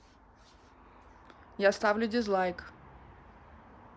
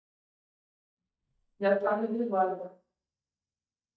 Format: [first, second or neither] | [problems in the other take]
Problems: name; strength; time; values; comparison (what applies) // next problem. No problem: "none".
first | noise reduction (neural mask model DeepFilterNet 3)